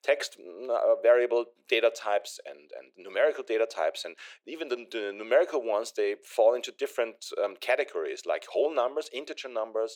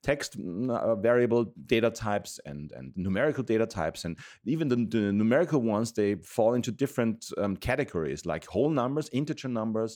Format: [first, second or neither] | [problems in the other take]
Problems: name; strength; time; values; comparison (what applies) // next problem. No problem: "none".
second | thin; very; fading below 400 Hz